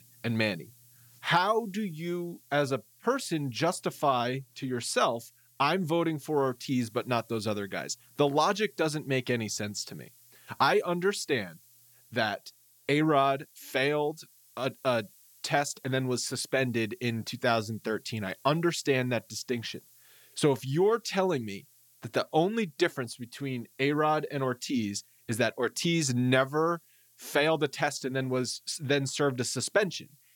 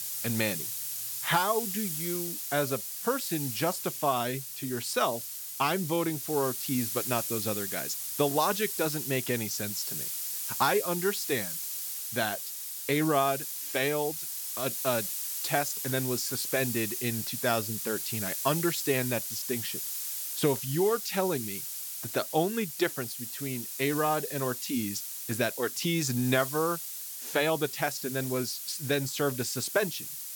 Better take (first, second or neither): first